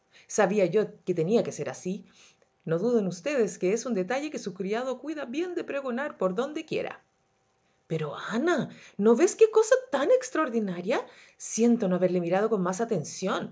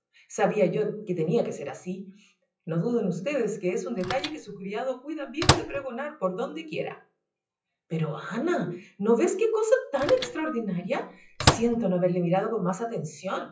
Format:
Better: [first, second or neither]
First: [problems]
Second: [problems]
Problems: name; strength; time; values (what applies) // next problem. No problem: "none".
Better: first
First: none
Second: noise reduction (classical method WPE with log-MMSE)